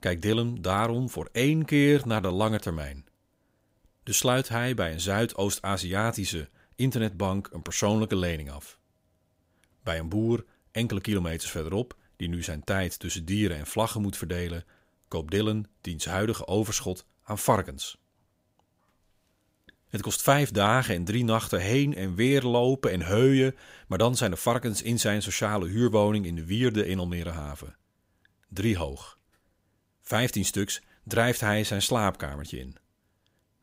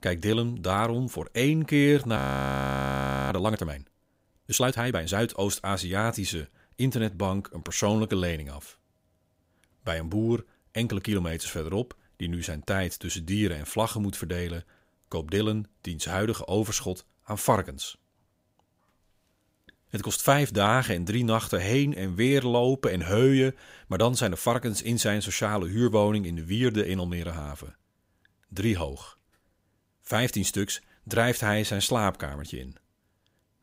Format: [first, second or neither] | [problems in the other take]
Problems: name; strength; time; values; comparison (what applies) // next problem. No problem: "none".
first | audio freezing; at 2 s for 1 s